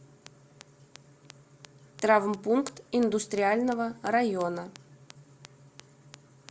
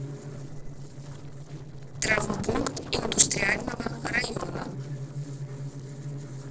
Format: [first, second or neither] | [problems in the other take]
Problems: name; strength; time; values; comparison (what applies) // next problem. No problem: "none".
first | noise reduction (neural separator model SepFormer DNS4)